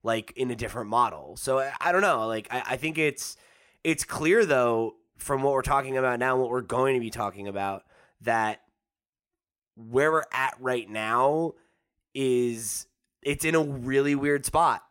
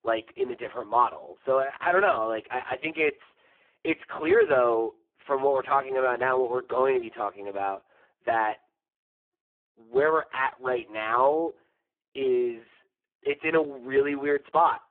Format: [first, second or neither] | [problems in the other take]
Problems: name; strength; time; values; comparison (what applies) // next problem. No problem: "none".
first | phone-call audio; poor line